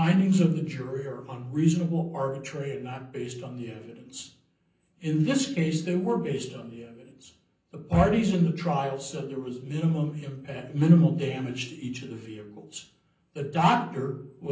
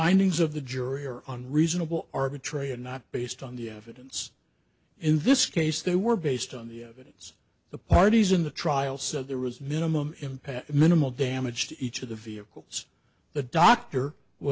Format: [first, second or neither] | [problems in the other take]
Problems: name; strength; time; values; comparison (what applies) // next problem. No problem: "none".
second | room echo; dies away in 0.6 s